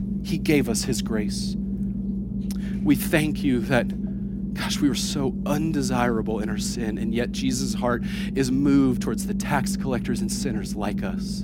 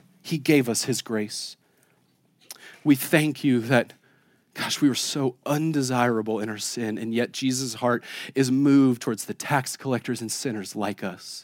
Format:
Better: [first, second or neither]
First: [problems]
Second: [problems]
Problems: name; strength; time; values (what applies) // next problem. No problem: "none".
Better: second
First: low rumble; loud; throughout; 8 dB below the speech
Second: none